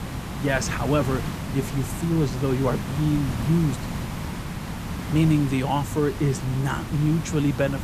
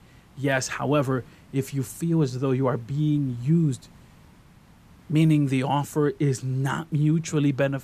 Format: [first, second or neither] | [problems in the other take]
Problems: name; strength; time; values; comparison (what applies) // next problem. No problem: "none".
second | hiss; loud; throughout; 7 dB below the speech; faint in the second